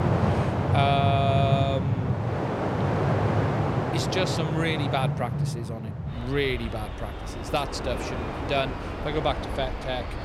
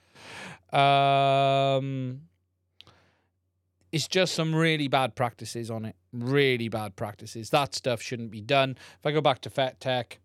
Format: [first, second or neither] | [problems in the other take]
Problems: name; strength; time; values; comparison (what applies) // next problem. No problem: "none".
second | train or aircraft noise; very loud; throughout; 1 dB above the speech